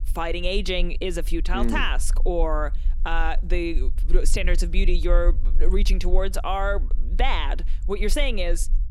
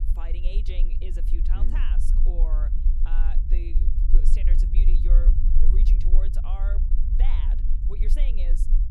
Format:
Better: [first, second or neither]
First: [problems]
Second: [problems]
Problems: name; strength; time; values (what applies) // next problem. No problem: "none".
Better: first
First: low rumble; faint; throughout; 25 dB below the speech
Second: low rumble; loud; throughout; 3 dB below the speech